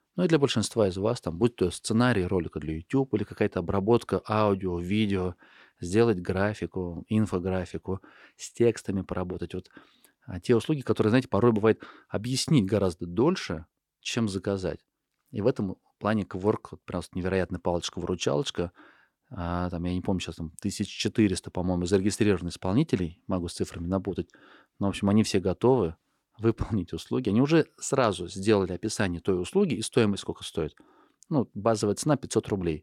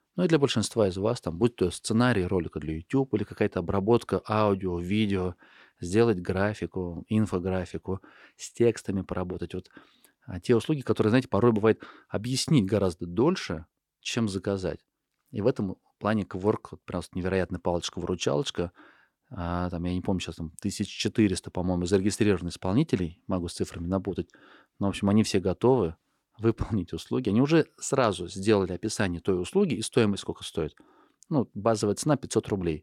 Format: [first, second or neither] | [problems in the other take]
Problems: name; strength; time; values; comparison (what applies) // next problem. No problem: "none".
neither | none